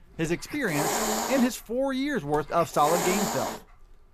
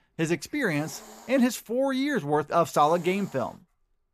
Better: second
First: hiss; loud; throughout; 2 dB below the speech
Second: hiss; faint; throughout; 25 dB below the speech

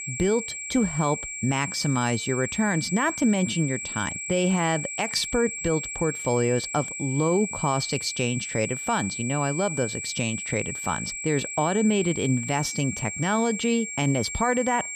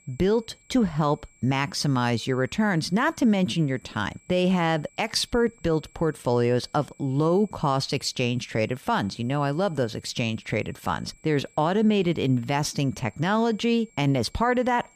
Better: second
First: high-pitched whine; loud; throughout; 2.5 kHz, 5 dB below the speech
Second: high-pitched whine; faint; throughout; 2.5 kHz, 30 dB below the speech

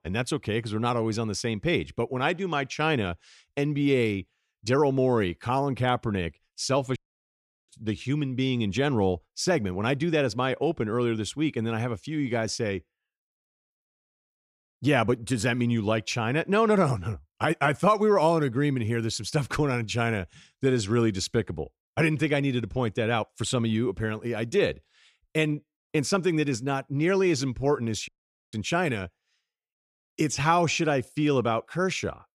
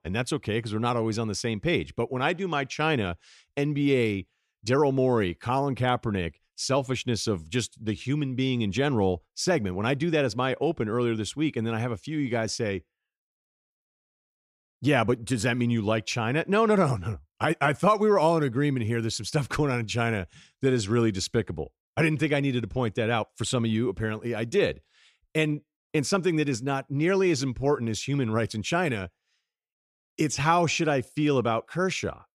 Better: second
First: audio cutting out; at 7 s for 0.5 s and at 28 s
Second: none

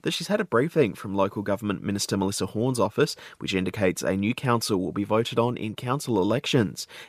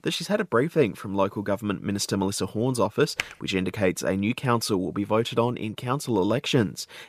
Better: first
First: none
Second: keyboard typing; very faint; at 3 s; peak 7 dB below the speech

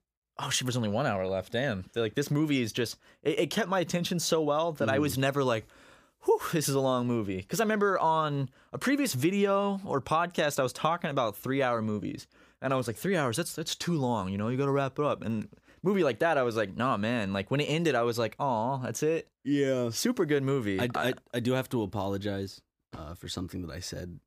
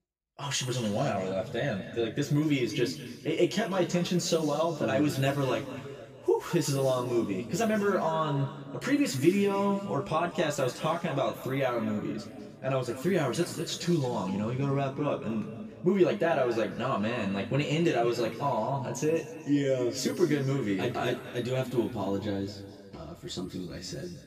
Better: first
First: none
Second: room echo; noticeable; dies away in 1.9 s // off-mic speech; far

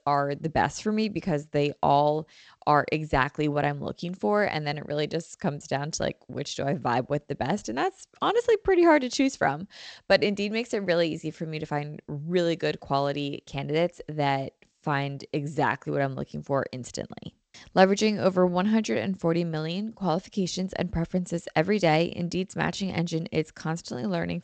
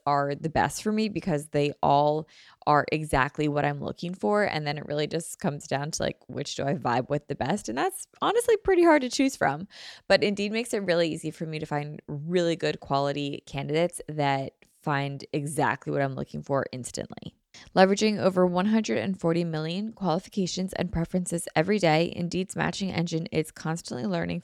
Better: second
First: garbled, watery; slightly; nothing above 8 kHz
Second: none

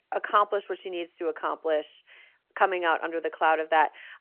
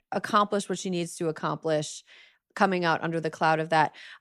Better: second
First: phone-call audio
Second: none

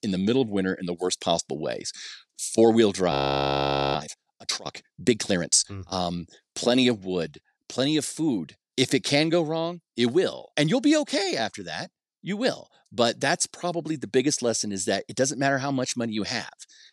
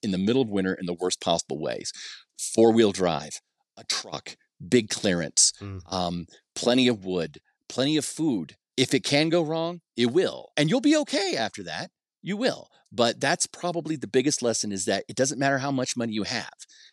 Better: second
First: audio freezing; at 3 s for 1 s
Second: none

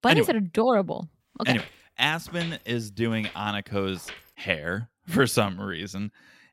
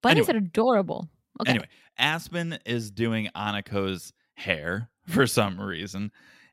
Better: second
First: footsteps; faint; from 1.5 to 4 s; peak 10 dB below the speech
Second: none

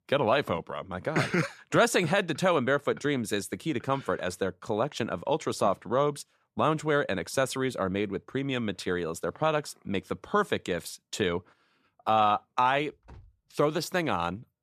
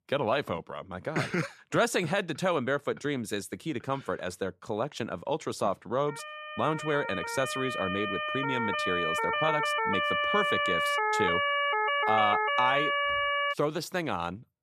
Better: first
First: none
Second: siren; loud; from 6 to 14 s; peak 5 dB above the speech

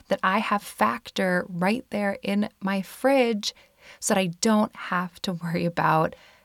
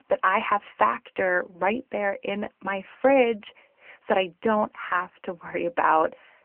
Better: first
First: none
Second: phone-call audio; nothing above 3 kHz

